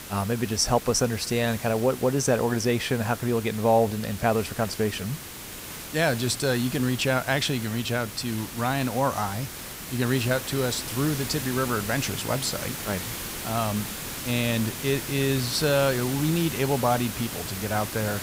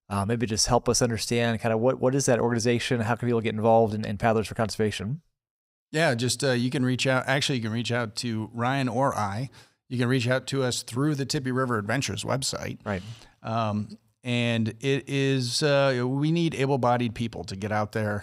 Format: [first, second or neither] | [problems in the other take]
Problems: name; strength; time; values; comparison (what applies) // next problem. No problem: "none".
second | hiss; loud; throughout; 8 dB below the speech